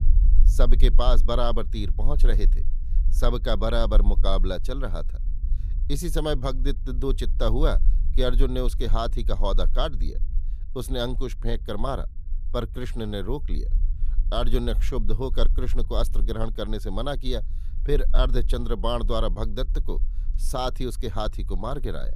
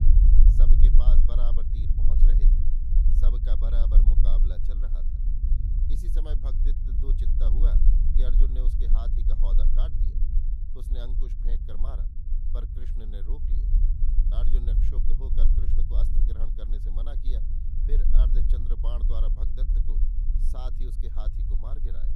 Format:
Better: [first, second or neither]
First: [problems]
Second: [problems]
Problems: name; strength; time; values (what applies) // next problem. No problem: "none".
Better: first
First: low rumble; faint; throughout; 20 dB below the speech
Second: low rumble; loud; throughout; 2 dB below the speech